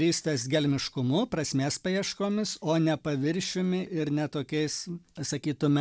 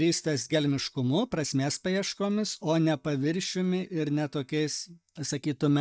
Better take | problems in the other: first | noise reduction (neural mask model DeepFilterNet 3)

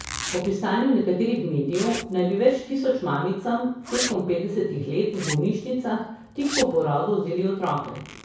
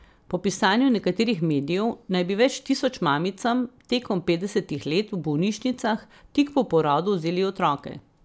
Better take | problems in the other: second | background sound (Zipper (clothing)); 13 dB below the speech // room echo; dies away in 0.6 s

